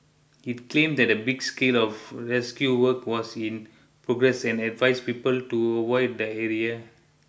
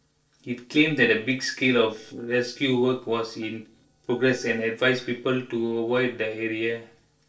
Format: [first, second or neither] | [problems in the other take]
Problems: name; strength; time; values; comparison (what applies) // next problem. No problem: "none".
first | noise reduction (neural separator model SepFormer DNS4)